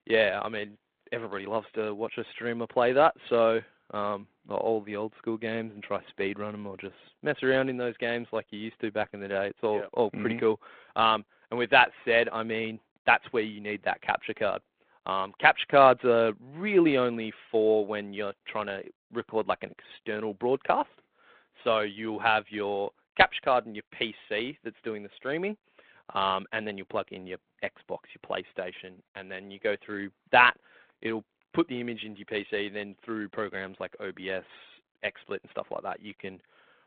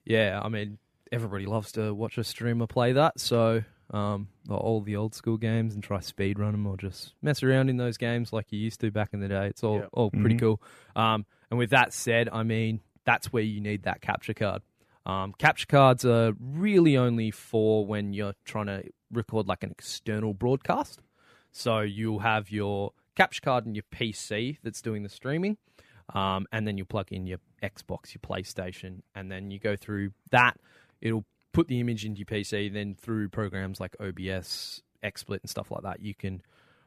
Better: second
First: phone-call audio; nothing above 4 kHz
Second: none

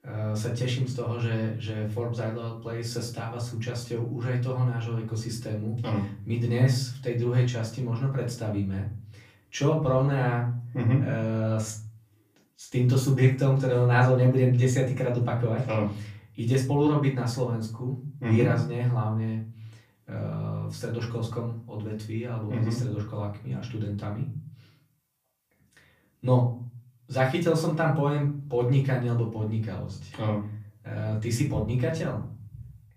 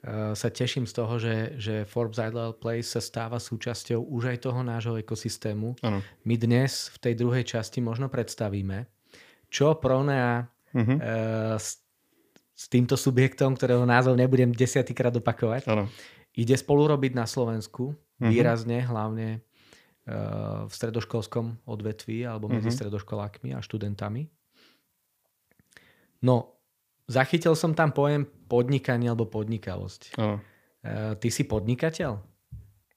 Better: second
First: room echo; slight; dies away in 0.5 s // off-mic speech; far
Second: none

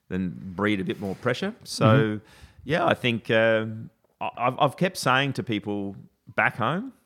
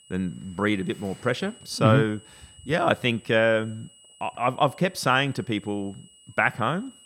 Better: first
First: none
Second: high-pitched whine; faint; throughout; 3 kHz, 25 dB below the speech

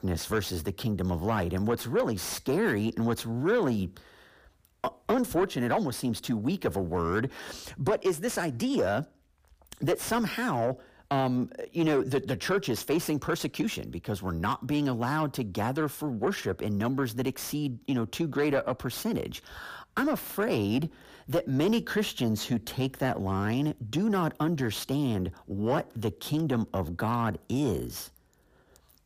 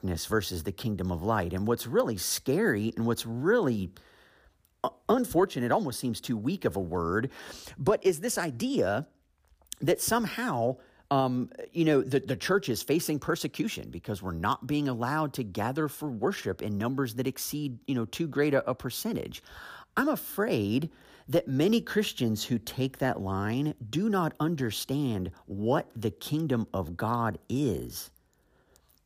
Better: second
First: distortion; slight; 10 dB below the speech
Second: none

